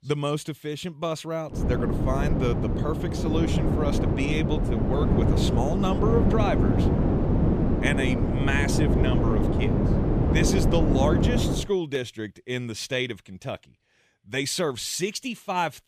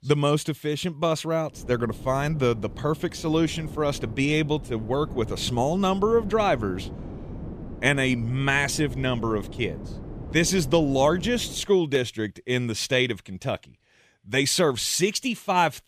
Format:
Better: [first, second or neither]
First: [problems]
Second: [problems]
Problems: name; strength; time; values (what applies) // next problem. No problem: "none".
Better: second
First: wind noise on the microphone; heavy; from 1.5 to 12 s; 1 dB below the speech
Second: wind noise on the microphone; occasional gusts; from 1.5 to 12 s; 20 dB below the speech